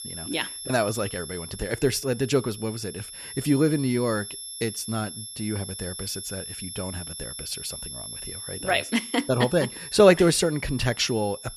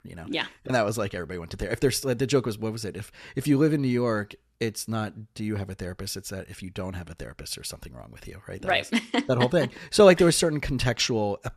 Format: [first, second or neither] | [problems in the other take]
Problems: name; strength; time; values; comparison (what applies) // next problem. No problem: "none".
second | high-pitched whine; noticeable; throughout; 11 kHz, 10 dB below the speech